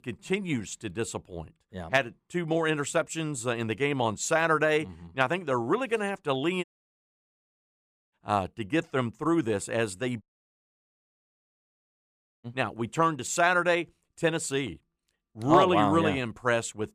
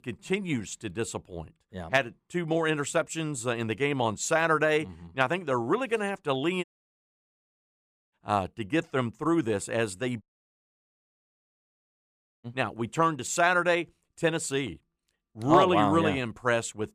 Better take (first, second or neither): neither